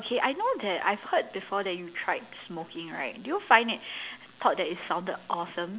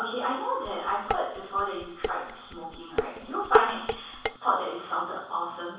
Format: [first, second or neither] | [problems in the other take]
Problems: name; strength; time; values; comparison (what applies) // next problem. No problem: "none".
first | background sound (Dishes, pots, and pans); 2 dB below the speech // room echo; dies away in 0.7 s